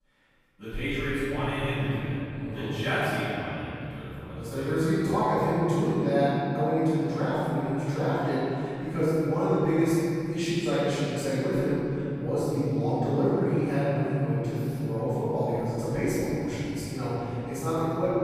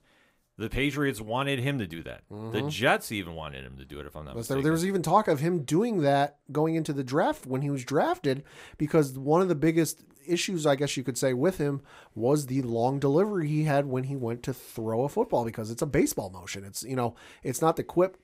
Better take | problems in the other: second | off-mic speech; far // room echo; strong; dies away in 3 s

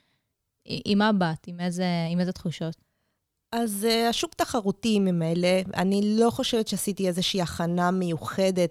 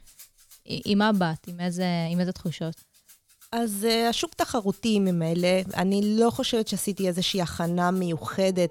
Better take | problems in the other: first | background music; faint; throughout; 25 dB below the speech

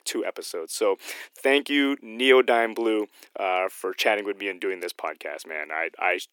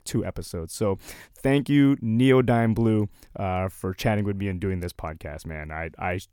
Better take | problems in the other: second | thin; somewhat; fading below 350 Hz

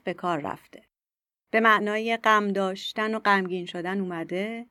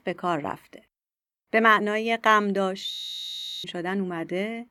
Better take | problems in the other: first | audio freezing; at 3 s for 0.5 s

